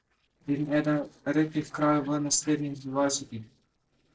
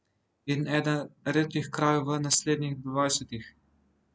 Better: second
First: noise reduction (neural separator model SepFormer DNS4)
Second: none

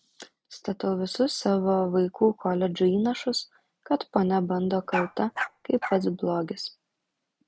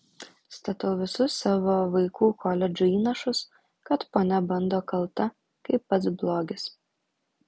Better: second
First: noise reduction (neural mask model RNNoise)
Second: none

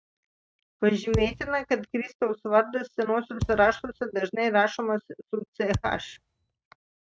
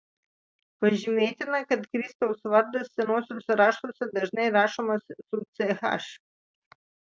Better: second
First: noise reduction (neural mask model RNNoise)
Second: none

